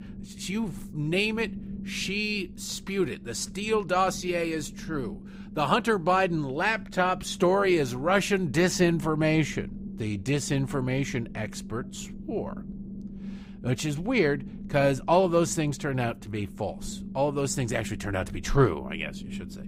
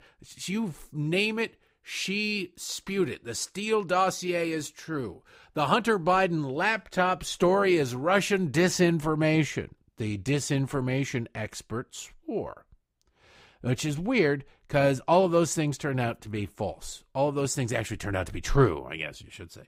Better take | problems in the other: second | low rumble; faint; throughout; 20 dB below the speech

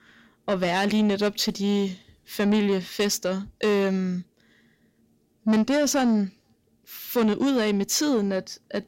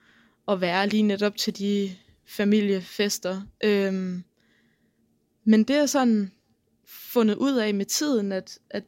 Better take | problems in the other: second | distortion; slight; 10 dB below the speech

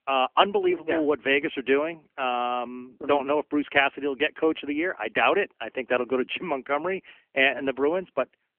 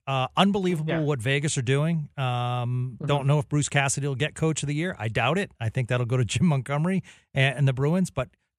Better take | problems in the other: second | phone-call audio; nothing above 3 kHz

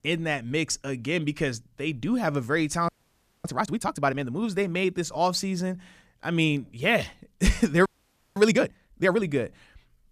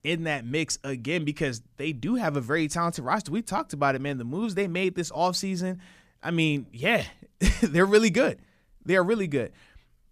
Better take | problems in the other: second | audio freezing; at 3 s for 0.5 s and at 8 s

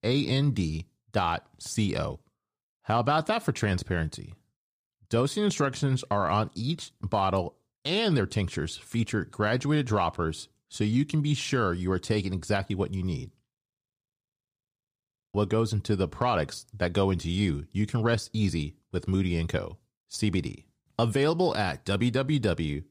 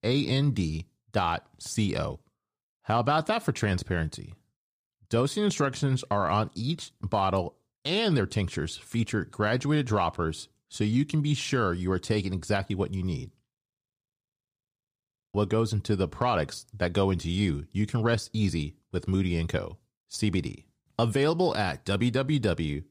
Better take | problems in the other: neither | audio freezing; at 14 s for 2 s; the same in both

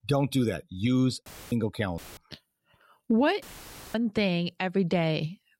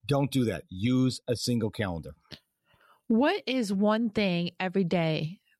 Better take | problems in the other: second | audio cutting out; filled with static; at 1.5 s, at 2 s and at 3.5 s for 0.5 s

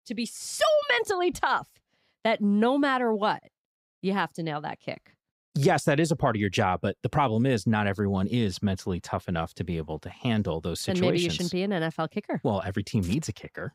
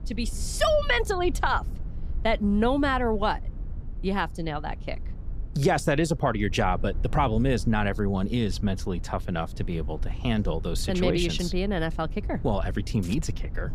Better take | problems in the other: first | low rumble; faint; throughout; 25 dB below the speech

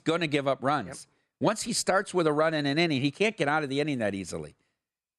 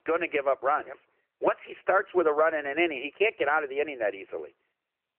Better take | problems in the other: first | phone-call audio; nothing above 3 kHz

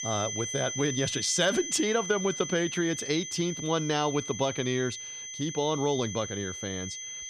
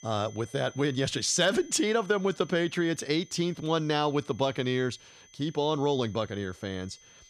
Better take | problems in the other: second | high-pitched whine; loud; throughout; 6 kHz, 6 dB below the speech; faint in the second

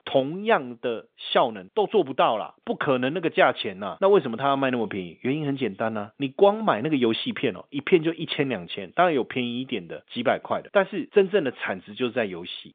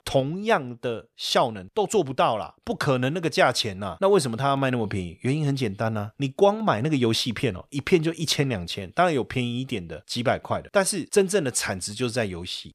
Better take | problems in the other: second | phone-call audio; nothing above 3.5 kHz

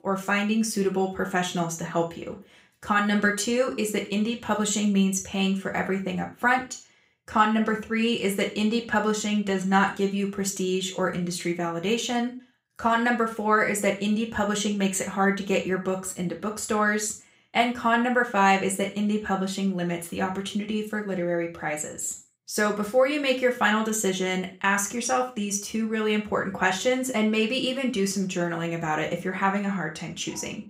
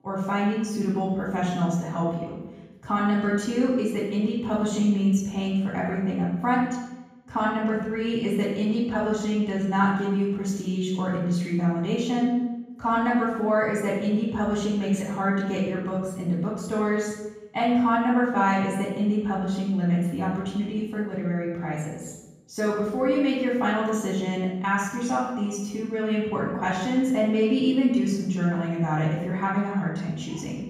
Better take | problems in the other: first | room echo; strong; dies away in 1.3 s; slight in the first // off-mic speech; far; somewhat distant in the first

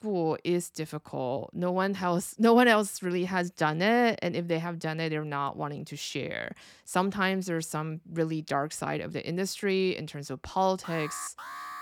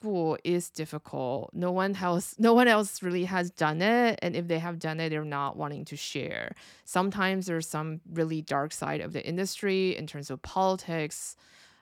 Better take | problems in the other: second | alarm; faint; at 11 s; peak 10 dB below the speech

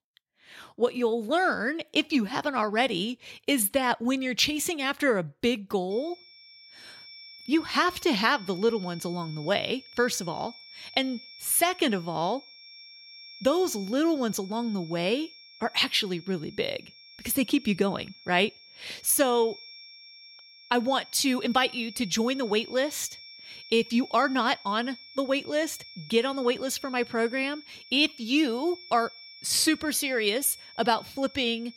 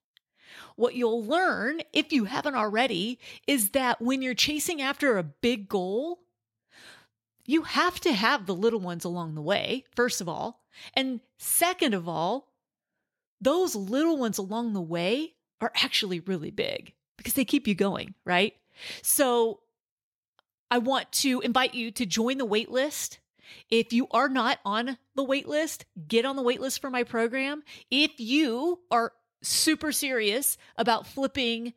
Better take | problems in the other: second | high-pitched whine; noticeable; from 6 s on; 5.5 kHz, 20 dB below the speech

